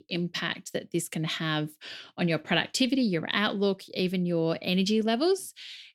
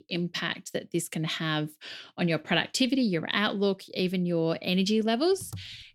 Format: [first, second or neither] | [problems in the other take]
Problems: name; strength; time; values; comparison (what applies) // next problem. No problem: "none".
first | keyboard typing; faint; at 5.5 s; peak 15 dB below the speech